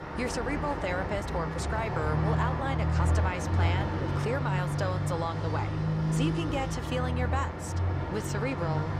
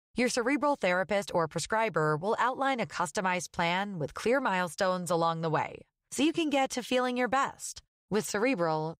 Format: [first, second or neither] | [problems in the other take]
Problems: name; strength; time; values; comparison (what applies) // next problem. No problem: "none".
second | traffic noise; very loud; throughout; 4 dB above the speech